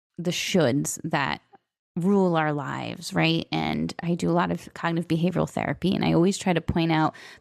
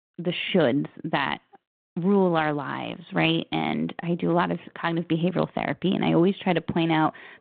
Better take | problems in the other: first | phone-call audio

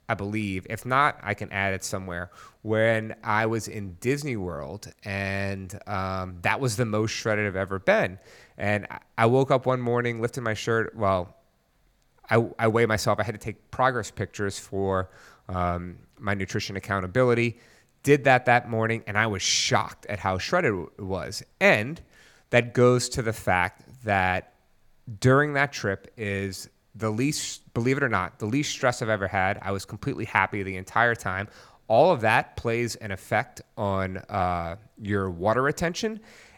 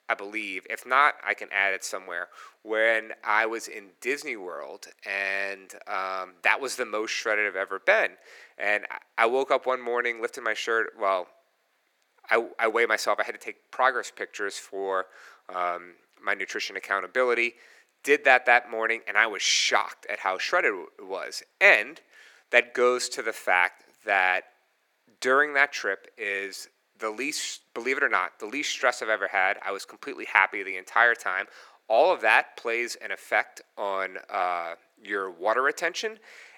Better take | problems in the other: first | thin; very; fading below 350 Hz

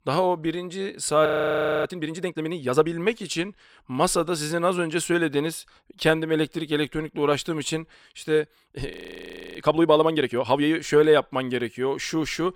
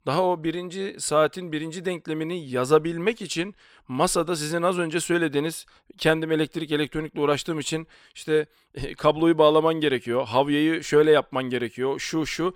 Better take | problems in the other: second | audio freezing; at 1.5 s for 0.5 s and at 9 s for 0.5 s

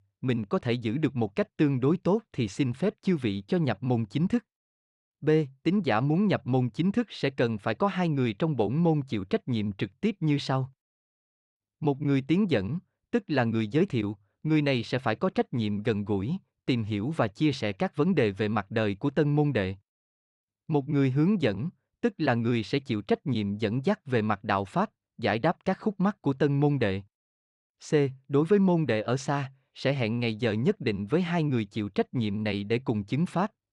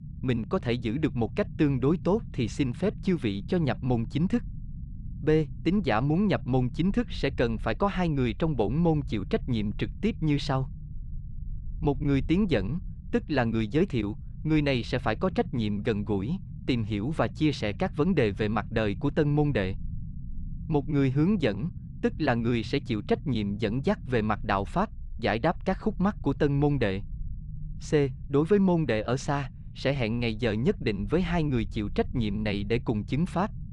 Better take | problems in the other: first | low rumble; faint; throughout; 25 dB below the speech

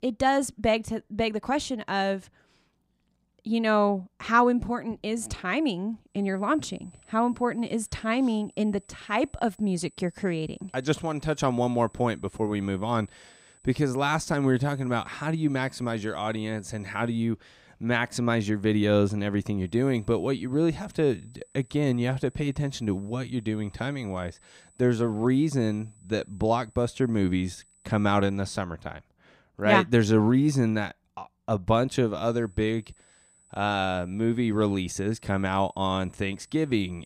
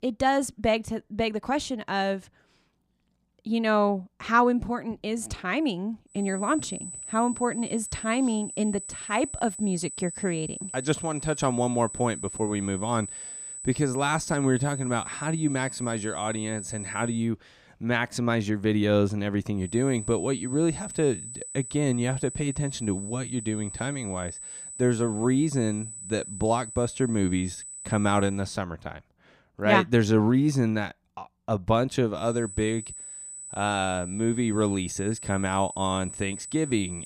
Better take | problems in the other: first | high-pitched whine; loud; from 6 to 17 s, from 20 to 28 s and from 32 s on; 8 kHz, 10 dB below the speech; faint in the first

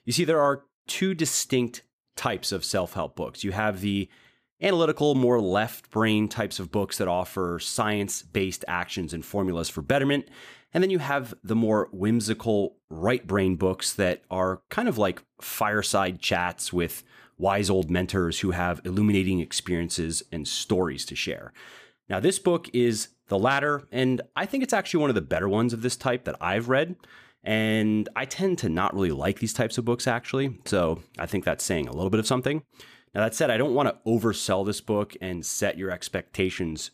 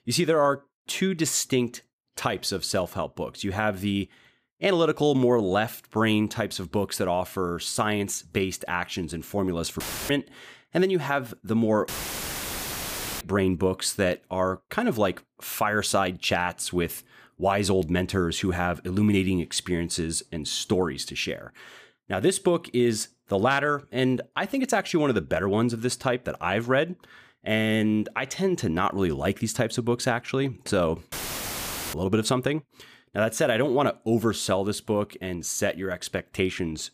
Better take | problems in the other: first | audio cutting out; filled with static; at 10 s, at 12 s for 1.5 s and at 31 s for 1 s

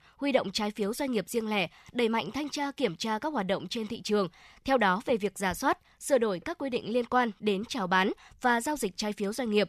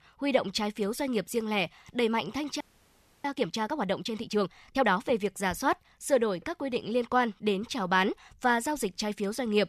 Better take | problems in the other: first | audio freezing; at 2.5 s for 0.5 s

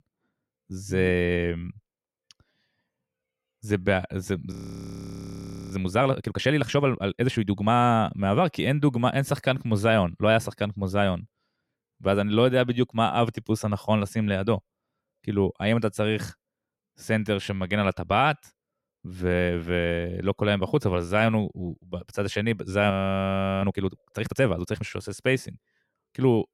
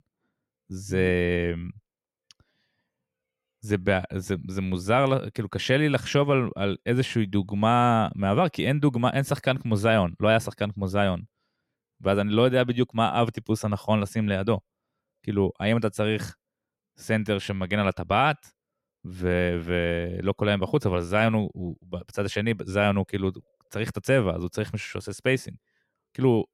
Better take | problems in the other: second | audio freezing; at 4.5 s for 1 s and at 23 s for 0.5 s

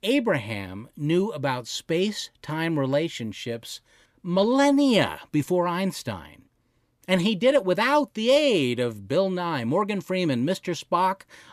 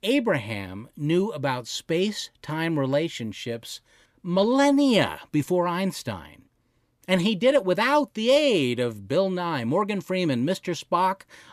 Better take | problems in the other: neither | none

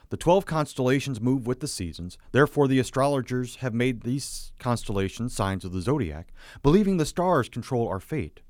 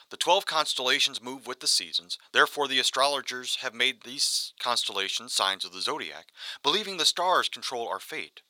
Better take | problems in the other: first | thin; very; fading below 850 Hz

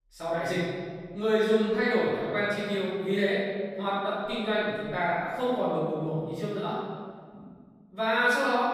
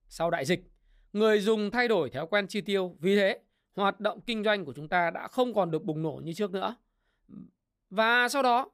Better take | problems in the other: second | off-mic speech; far // room echo; strong; dies away in 1.7 s

